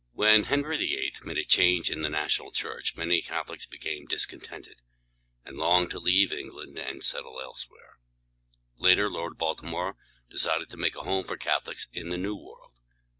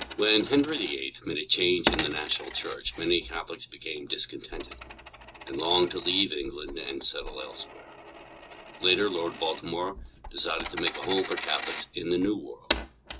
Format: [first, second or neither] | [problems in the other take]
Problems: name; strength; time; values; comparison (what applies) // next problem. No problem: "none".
first | background sound (Coin (dropping)); 9 dB below the speech // room echo; dies away in 0.2 s